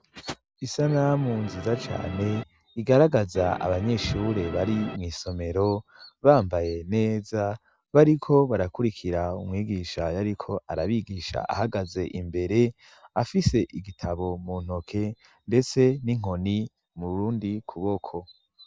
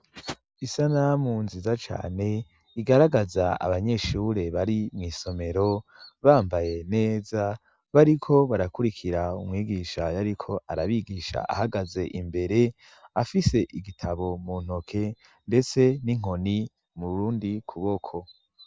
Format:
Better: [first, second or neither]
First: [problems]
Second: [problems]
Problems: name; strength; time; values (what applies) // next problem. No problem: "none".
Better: second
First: background sound (Musical instrument); 12 dB below the speech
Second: none